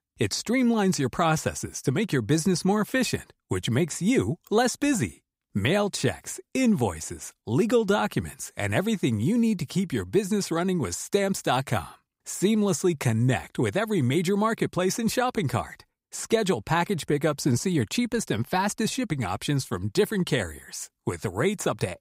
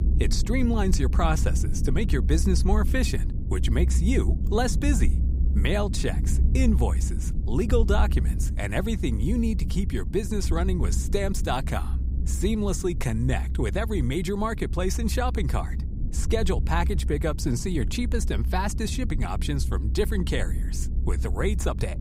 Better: first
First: none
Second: low rumble; noticeable; throughout; 15 dB below the speech

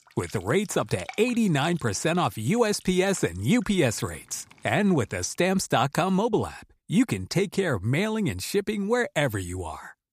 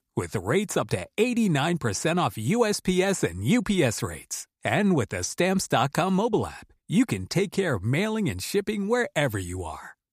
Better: second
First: household noises; faint; until 5 s; 25 dB below the speech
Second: none

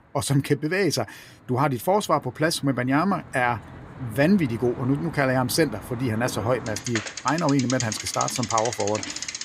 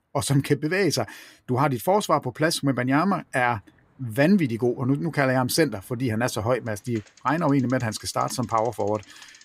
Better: second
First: traffic noise; loud; throughout; 9 dB below the speech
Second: traffic noise; faint; throughout; 30 dB below the speech

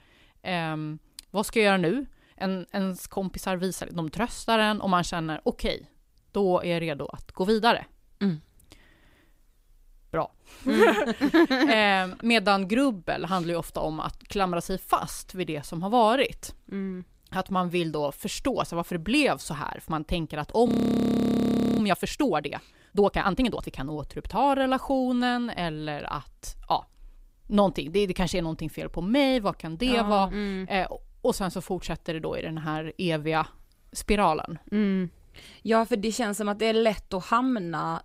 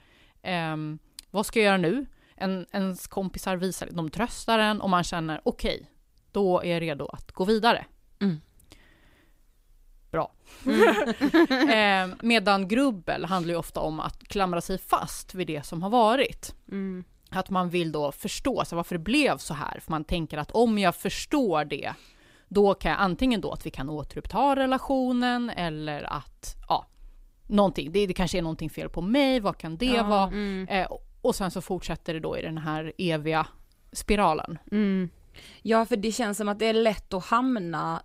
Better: second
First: audio freezing; at 21 s for 1 s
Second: none

